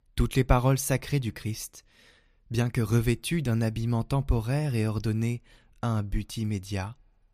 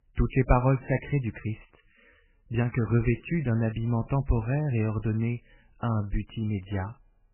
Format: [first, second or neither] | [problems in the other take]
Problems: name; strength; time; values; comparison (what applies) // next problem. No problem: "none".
first | garbled, watery; badly; nothing above 3 kHz